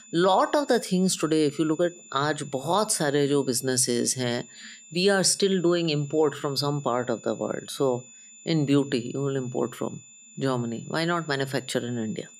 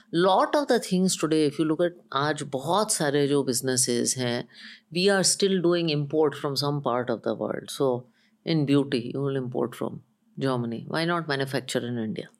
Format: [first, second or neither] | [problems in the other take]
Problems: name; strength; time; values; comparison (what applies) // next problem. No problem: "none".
second | high-pitched whine; faint; throughout; 7 kHz, 20 dB below the speech